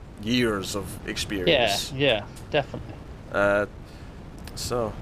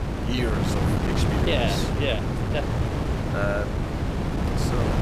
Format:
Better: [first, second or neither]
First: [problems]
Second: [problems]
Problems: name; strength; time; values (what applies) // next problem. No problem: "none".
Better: first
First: wind noise on the microphone; occasional gusts; 20 dB below the speech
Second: wind noise on the microphone; heavy; as loud as the speech